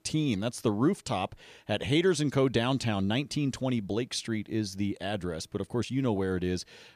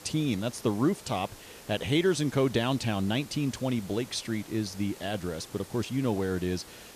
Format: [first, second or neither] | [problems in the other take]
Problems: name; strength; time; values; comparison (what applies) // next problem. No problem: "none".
first | hiss; noticeable; throughout; 15 dB below the speech